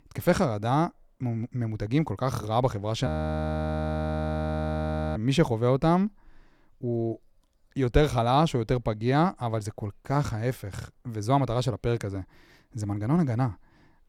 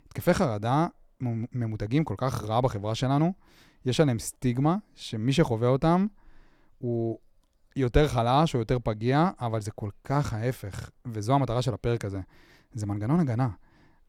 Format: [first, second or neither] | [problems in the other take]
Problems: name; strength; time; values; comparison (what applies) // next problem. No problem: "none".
second | audio freezing; at 3 s for 2 s